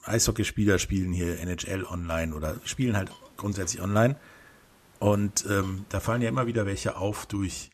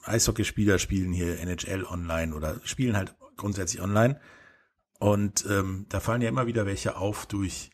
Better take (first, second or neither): second